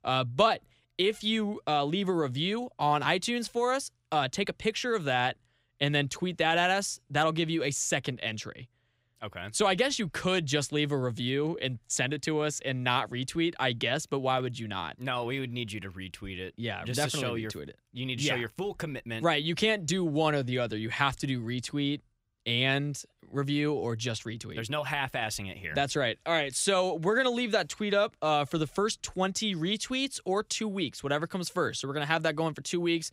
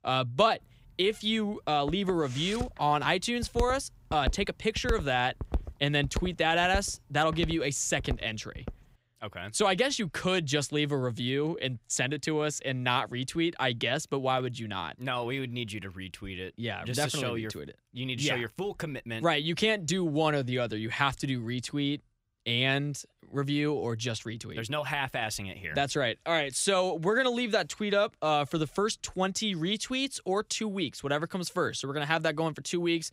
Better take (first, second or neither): first